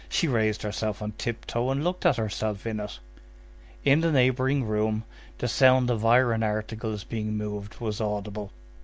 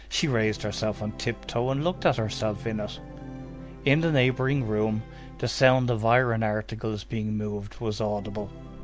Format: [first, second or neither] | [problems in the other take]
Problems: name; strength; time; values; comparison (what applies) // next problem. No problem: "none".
first | background sound (Organ); 17 dB below the speech